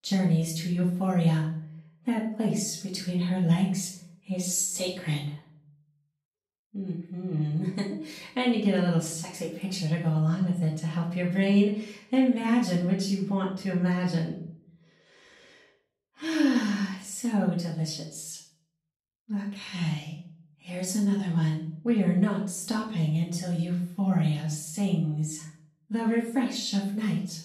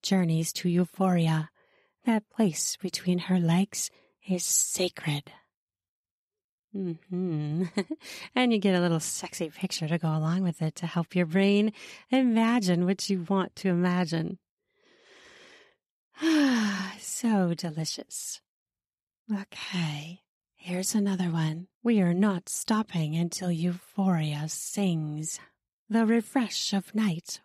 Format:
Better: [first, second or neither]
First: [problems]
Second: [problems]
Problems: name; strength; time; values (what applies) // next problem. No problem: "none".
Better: second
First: off-mic speech; far // room echo; noticeable; dies away in 0.5 s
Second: none